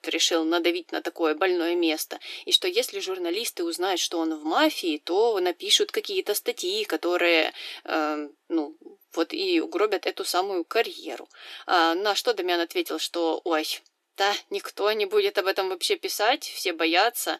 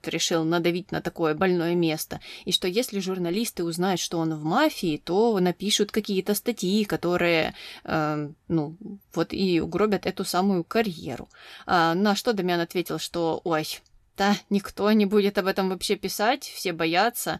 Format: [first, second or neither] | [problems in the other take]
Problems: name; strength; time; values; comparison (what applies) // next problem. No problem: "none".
second | thin; very; fading below 300 Hz